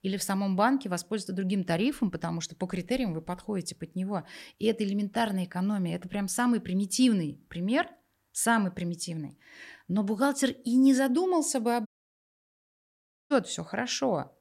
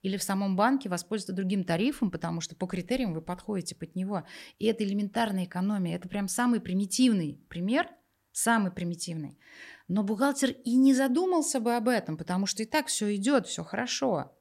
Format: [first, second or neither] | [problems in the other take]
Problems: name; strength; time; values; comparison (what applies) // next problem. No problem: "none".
second | audio cutting out; at 12 s for 1.5 s